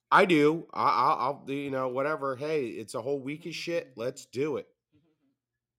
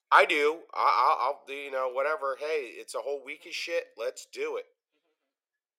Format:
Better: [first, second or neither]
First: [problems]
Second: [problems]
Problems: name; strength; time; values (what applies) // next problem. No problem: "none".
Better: first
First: none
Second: thin; very; fading below 500 Hz